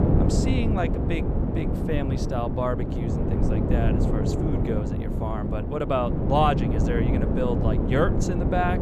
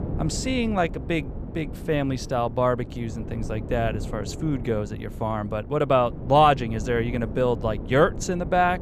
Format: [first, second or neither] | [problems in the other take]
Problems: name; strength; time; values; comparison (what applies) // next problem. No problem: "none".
second | wind noise on the microphone; heavy; 3 dB below the speech; occasional gusts in the second